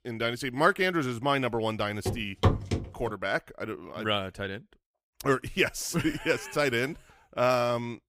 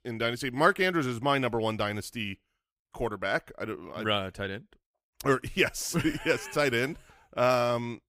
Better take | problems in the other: second | footsteps; loud; at 2 s; peak 2 dB above the speech

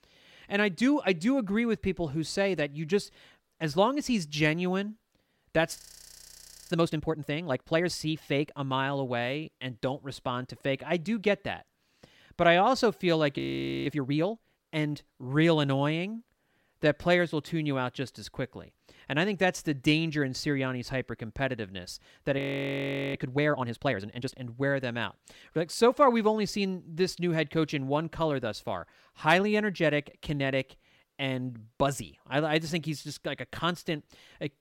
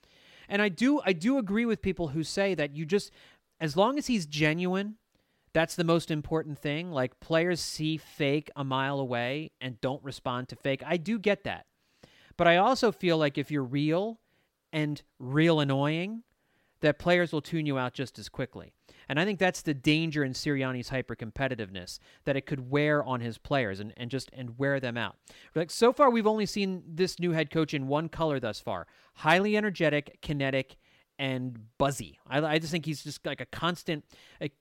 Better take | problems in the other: second | audio freezing; at 6 s for 1 s, at 13 s and at 22 s for 1 s

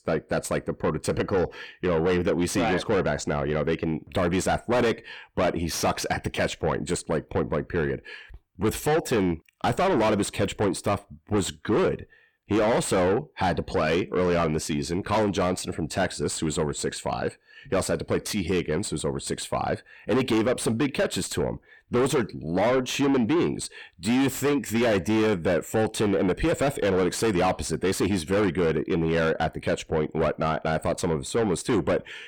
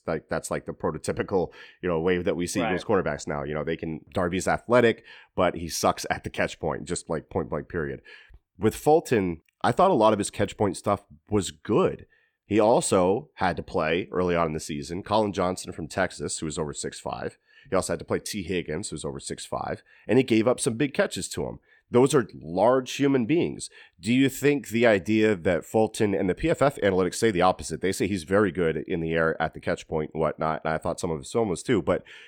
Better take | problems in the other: second | distortion; heavy; 6 dB below the speech

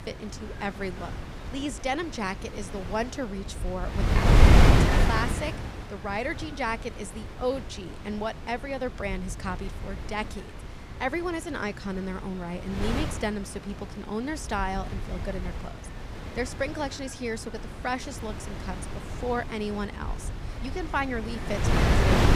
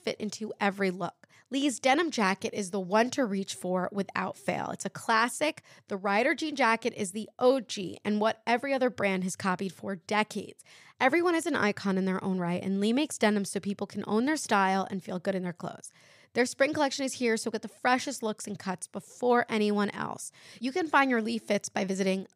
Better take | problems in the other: second | wind noise on the microphone; heavy; 1 dB below the speech

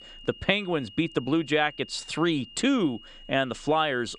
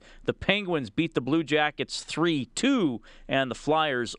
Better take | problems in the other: second | high-pitched whine; noticeable; throughout; 3 kHz, 20 dB below the speech

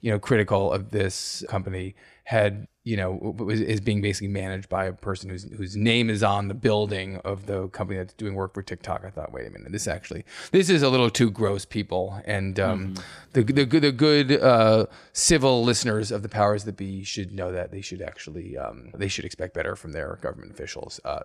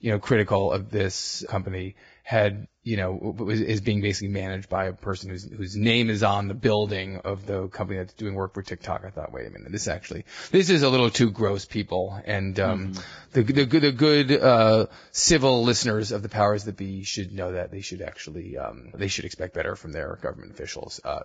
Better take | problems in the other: first | garbled, watery; badly; nothing above 7.5 kHz

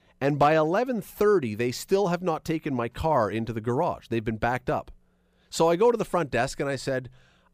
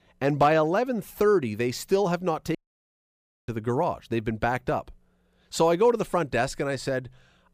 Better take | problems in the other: first | audio cutting out; at 2.5 s for 1 s

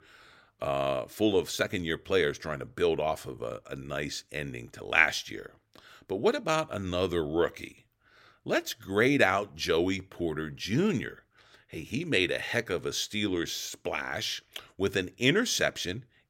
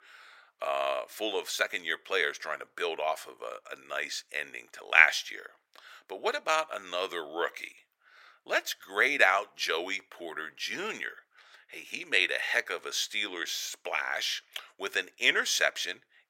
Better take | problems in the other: first | thin; very; fading below 750 Hz

